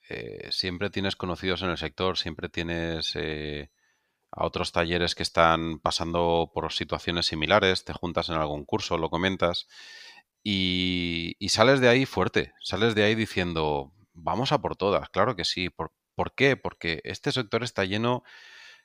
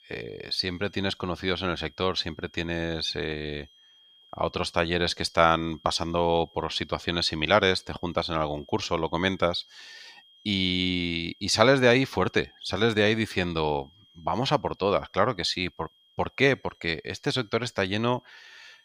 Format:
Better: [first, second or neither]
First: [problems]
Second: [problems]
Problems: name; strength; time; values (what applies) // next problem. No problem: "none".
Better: first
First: none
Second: high-pitched whine; faint; throughout; 3 kHz, 30 dB below the speech